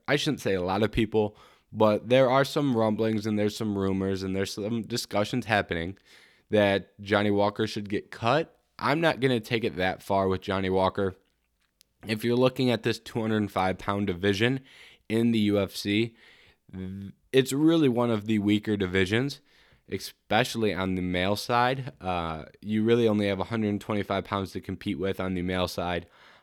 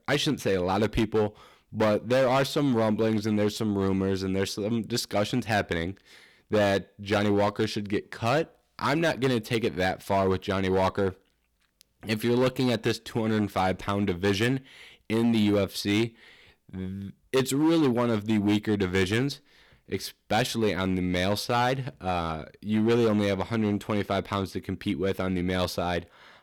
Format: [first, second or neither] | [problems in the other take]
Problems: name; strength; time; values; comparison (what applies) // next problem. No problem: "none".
first | distortion; slight; 7% of the sound clipped